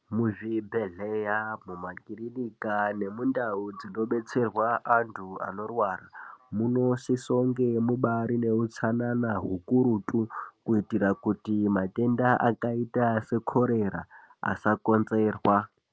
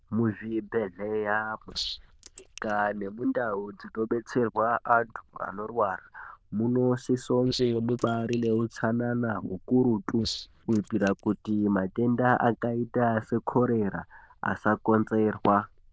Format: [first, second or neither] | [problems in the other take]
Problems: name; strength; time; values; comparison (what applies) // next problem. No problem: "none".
first | noise reduction (neural diffusion model UNIVERSE++)